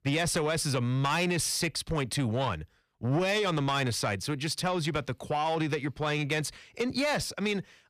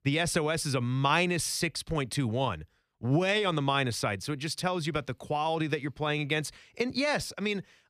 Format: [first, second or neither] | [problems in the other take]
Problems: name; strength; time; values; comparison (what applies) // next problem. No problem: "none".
second | distortion; slight; 10 dB below the speech